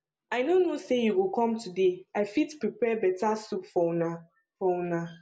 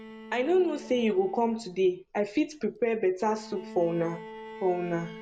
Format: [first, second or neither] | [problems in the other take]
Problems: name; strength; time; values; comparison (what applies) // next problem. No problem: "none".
first | background sound (Bowed string instrument); 17 dB below the speech